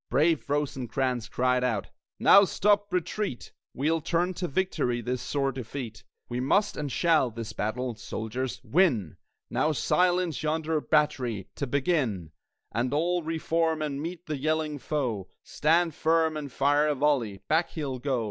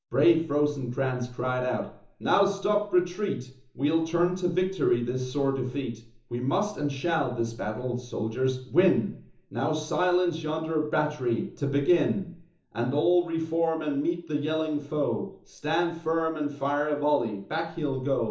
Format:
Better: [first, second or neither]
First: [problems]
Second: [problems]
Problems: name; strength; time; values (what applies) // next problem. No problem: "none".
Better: first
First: none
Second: room echo; dies away in 0.7 s